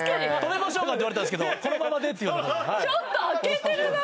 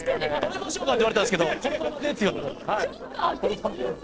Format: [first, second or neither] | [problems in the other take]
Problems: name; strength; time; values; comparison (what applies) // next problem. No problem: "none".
first | noise reduction (neural separator model SepFormer DNS4)